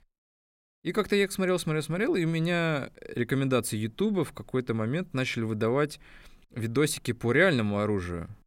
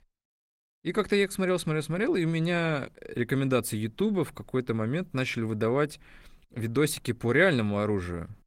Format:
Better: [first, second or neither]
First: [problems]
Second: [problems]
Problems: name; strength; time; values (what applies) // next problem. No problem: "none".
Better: first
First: none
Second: garbled, watery; slightly; nothing above 16 kHz